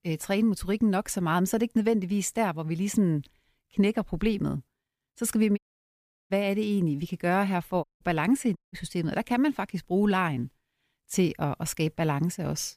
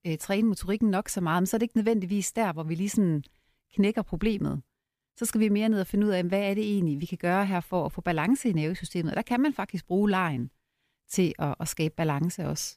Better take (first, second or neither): second